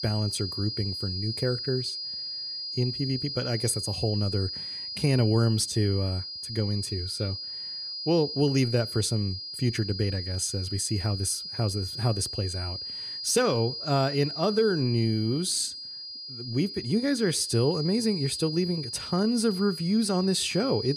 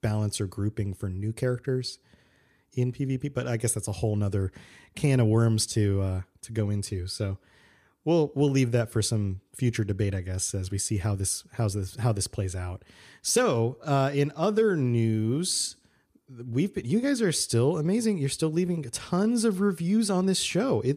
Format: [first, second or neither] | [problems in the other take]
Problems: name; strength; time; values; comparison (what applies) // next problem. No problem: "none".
second | high-pitched whine; loud; throughout; 5 kHz, 6 dB below the speech